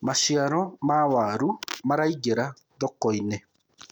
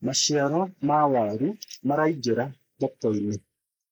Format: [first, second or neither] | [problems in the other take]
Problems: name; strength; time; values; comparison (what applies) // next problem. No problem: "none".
first | noise reduction (neural mask model Resemble Enhance denoiser)